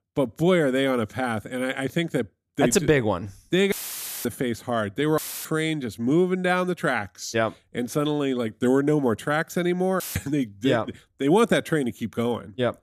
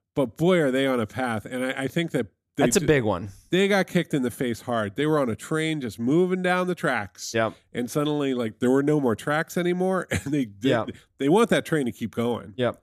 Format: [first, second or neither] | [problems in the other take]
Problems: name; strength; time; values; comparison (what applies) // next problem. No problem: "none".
second | audio cutting out; filled with static; at 3.5 s for 0.5 s, at 5 s and at 10 s